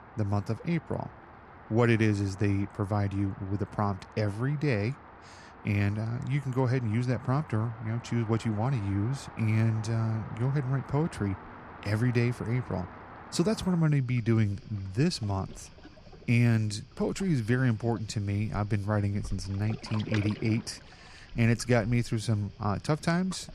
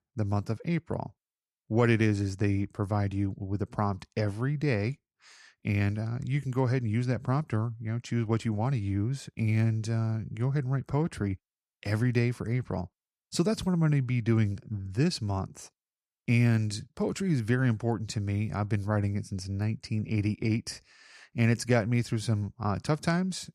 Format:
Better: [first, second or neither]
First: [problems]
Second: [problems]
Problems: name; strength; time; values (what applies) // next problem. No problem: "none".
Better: second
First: rain or running water; noticeable; throughout; 20 dB below the speech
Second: none